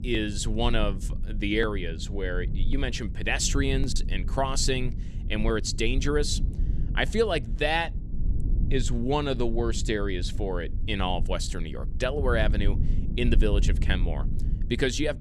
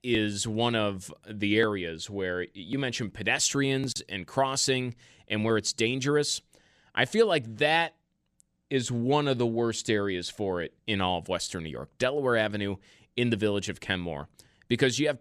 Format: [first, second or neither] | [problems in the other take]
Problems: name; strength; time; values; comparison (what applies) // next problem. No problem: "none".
second | low rumble; noticeable; throughout; 15 dB below the speech